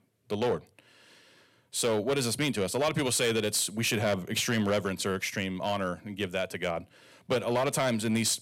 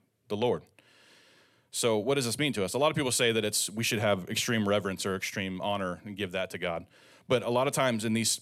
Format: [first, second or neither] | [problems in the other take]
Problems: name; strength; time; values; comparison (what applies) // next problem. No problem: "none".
second | distortion; slight; 6% of the sound clipped